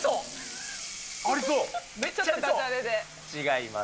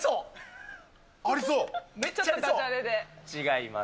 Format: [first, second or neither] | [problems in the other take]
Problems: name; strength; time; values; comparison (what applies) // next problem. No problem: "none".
second | background sound (Sink (filling or washing) / Water tap, faucet); 12 dB below the speech